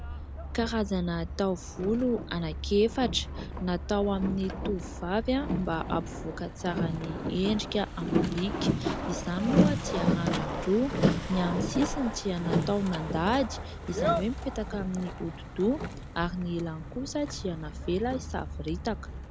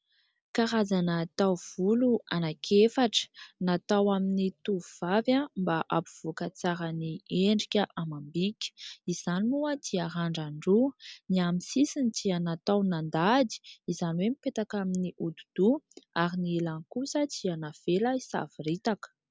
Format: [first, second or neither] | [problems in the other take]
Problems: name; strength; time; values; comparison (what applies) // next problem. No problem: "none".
second | background sound (Boat, Water vehicle); 1 dB below the speech